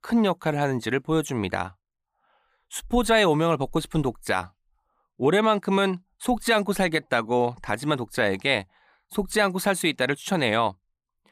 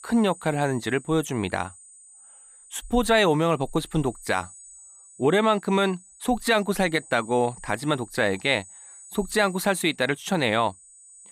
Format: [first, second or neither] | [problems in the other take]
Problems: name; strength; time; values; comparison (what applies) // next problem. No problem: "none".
first | high-pitched whine; faint; throughout; 8 kHz, 20 dB below the speech